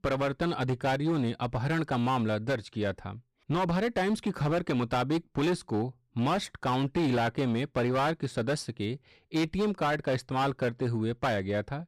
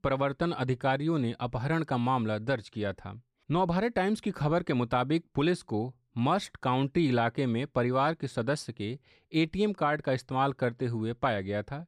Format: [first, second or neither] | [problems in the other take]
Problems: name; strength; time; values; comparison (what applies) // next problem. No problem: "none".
second | distortion; slight; 12% of the sound clipped